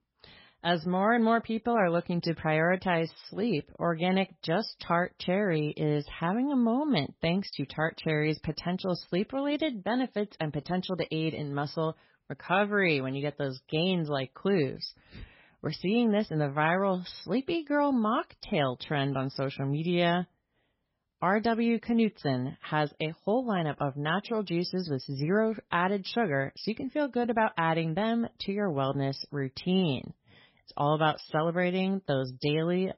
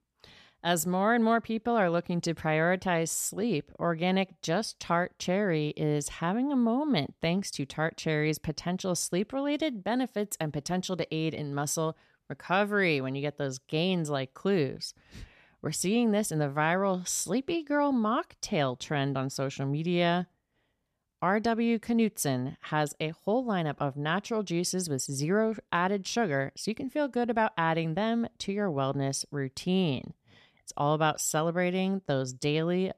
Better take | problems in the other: second | garbled, watery; badly; nothing above 5.5 kHz

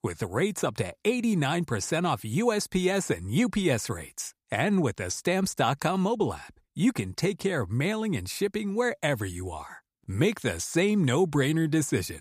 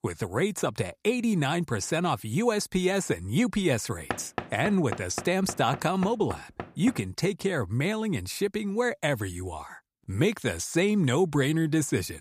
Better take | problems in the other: first | door banging; noticeable; from 4 to 7 s; peak 7 dB below the speech

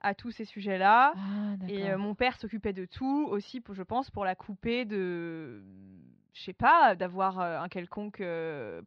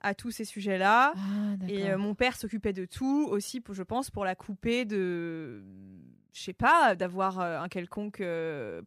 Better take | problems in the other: second | muffled; very slightly; fading above 4.5 kHz

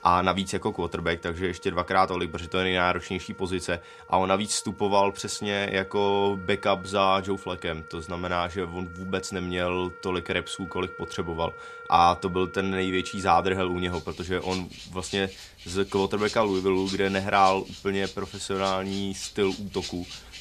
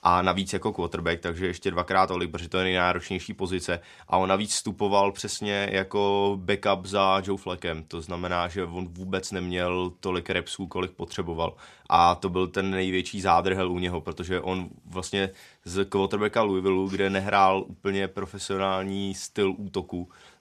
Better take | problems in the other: second | background music; noticeable; throughout; 15 dB below the speech

